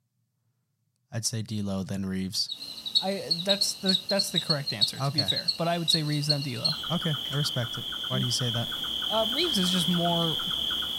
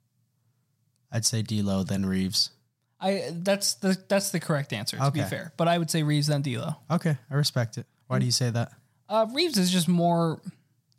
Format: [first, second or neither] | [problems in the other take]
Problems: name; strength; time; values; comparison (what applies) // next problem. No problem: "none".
second | animal sounds; very loud; from 2.5 s on; 3 dB above the speech